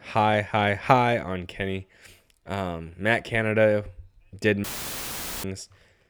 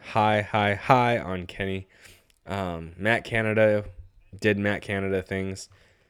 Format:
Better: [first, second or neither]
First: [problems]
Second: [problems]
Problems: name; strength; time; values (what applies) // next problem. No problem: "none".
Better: second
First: audio cutting out; filled with static; at 4.5 s for 1 s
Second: none